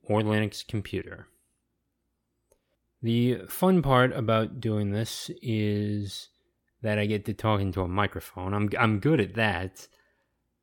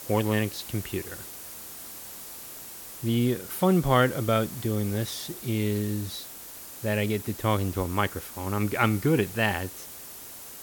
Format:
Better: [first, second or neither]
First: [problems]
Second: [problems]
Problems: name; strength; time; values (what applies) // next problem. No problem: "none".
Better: first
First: none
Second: hiss; noticeable; throughout; 10 dB below the speech